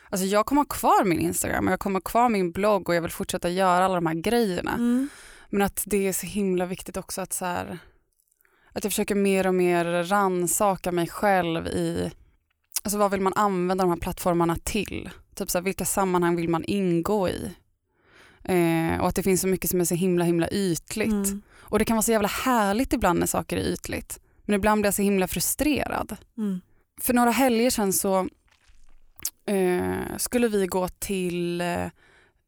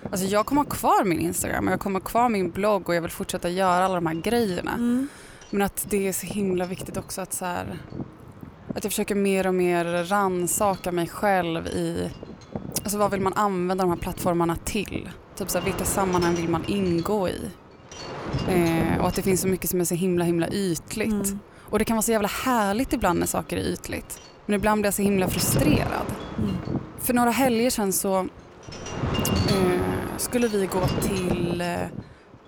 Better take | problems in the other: first | wind noise on the microphone; occasional gusts; 10 dB below the speech

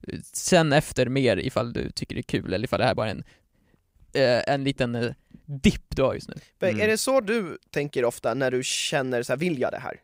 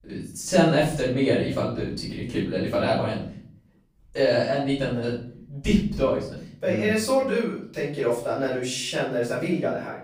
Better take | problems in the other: first | off-mic speech; far // room echo; noticeable; dies away in 0.5 s

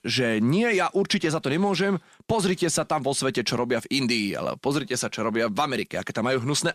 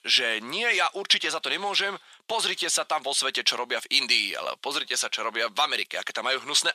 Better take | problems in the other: first | thin; very; fading below 750 Hz

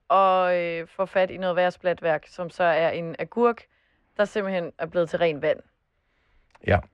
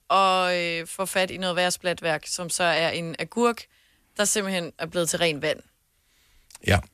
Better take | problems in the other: second | muffled; very; fading above 2 kHz

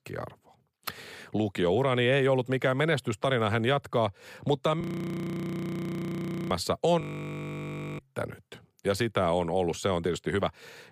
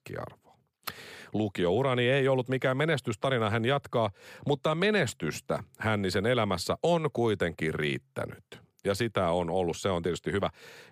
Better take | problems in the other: second | audio freezing; at 5 s for 1.5 s and at 7 s for 1 s

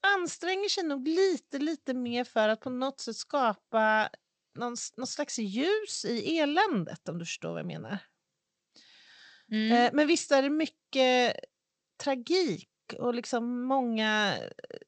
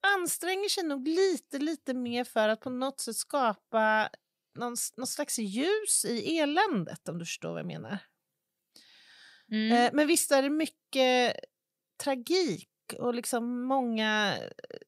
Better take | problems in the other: second | garbled, watery; slightly; nothing above 8 kHz

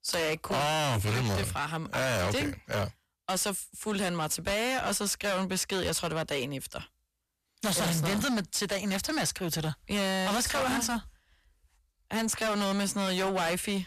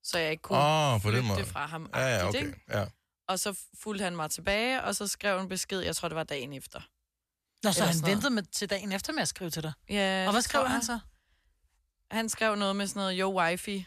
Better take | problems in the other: second | distortion; heavy; 25% of the sound clipped

